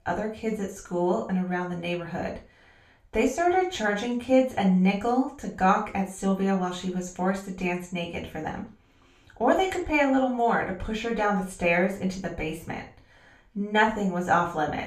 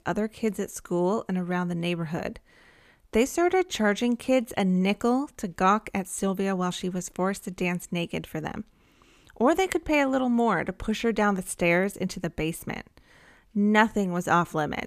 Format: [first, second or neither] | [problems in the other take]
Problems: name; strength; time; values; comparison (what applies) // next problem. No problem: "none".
second | room echo; slight; dies away in 0.3 s // off-mic speech; far